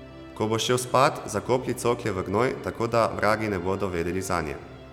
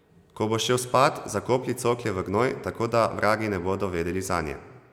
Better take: second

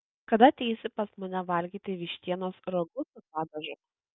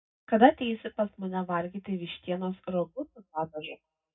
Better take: first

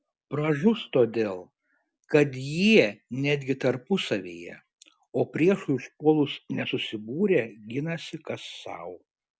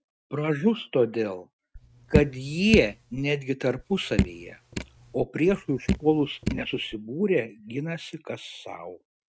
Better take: first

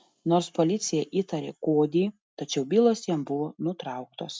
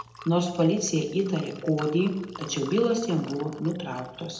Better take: first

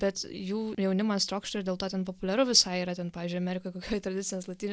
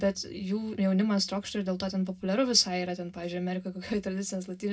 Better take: first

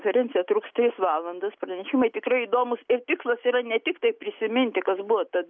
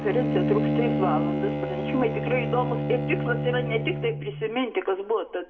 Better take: first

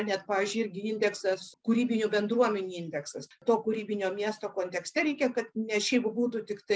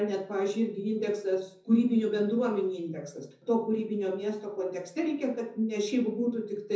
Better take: first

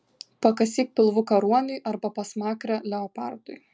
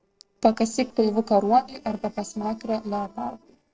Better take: first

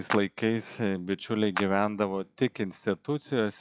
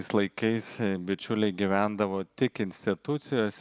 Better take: second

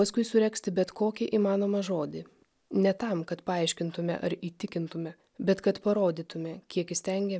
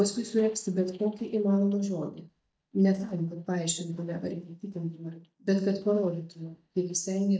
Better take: first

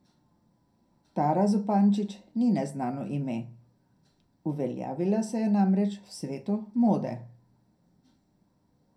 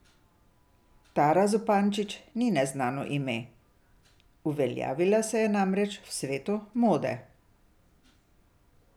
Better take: second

